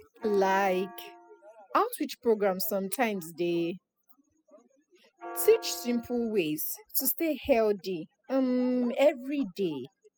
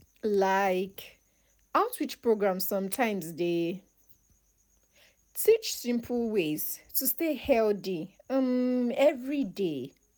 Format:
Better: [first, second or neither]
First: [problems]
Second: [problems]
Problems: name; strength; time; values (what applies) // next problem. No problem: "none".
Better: second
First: noise reduction (classical method spectral subtraction)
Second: none